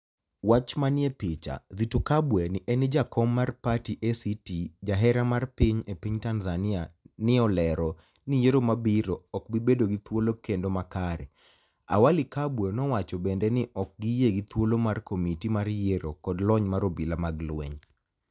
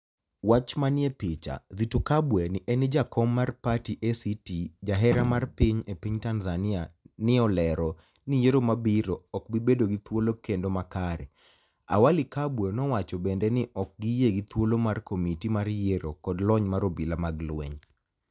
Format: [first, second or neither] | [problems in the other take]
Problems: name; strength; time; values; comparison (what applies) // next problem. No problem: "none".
first | background sound (Slam); 10 dB below the speech